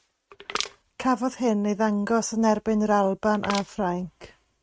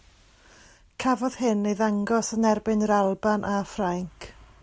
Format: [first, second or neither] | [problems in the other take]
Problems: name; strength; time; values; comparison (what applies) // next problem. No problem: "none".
second | noise reduction (neural mask model RNNoise)